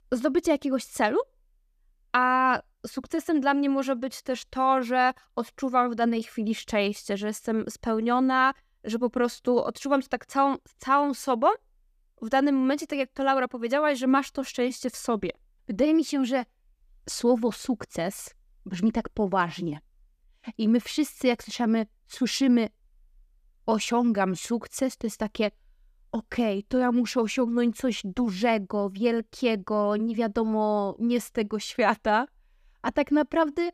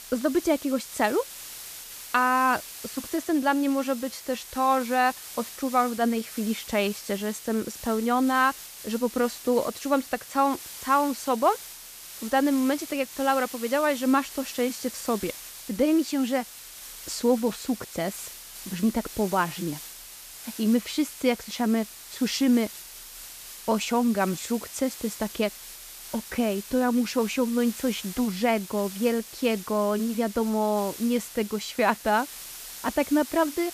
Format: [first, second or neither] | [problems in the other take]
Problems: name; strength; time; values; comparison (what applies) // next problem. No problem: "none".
first | hiss; noticeable; throughout; 15 dB below the speech